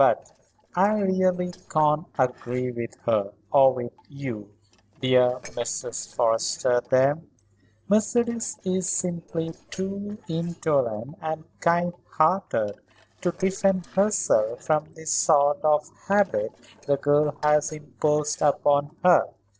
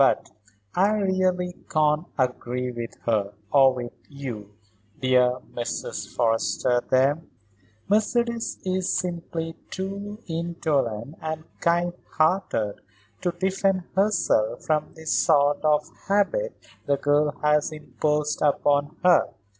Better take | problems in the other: second | noise reduction (neural separator model SepFormer DNS4)

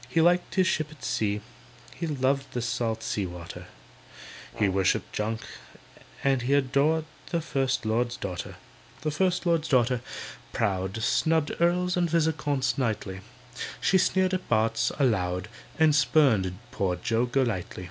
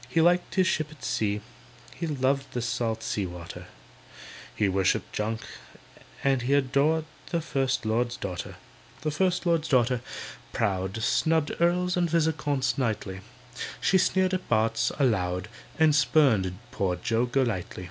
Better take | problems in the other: second | background sound (Brass instrument); 20 dB below the speech

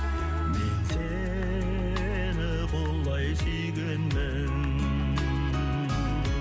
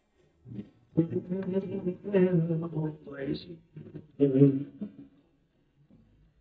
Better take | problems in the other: first | noise reduction (neural mask model DeepFilterNet 3)

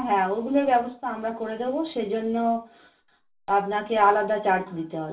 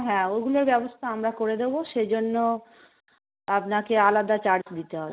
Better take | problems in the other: second | room echo; dies away in 0.2 s

